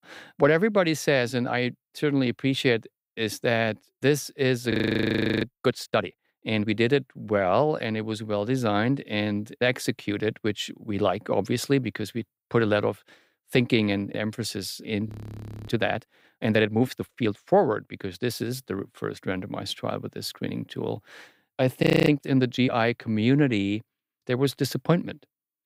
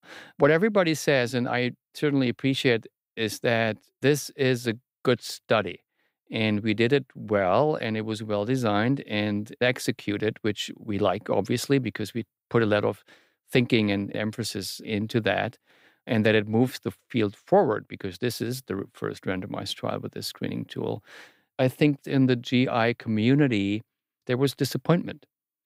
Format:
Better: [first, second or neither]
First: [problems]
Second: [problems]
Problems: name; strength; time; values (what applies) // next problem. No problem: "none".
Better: second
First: audio freezing; at 4.5 s for 0.5 s, at 15 s for 0.5 s and at 22 s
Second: none